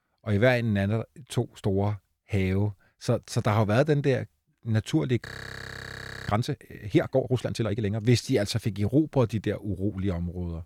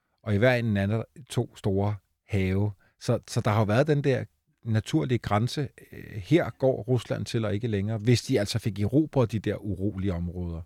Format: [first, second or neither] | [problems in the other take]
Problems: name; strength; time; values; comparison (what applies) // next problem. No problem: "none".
second | audio freezing; at 5.5 s for 1 s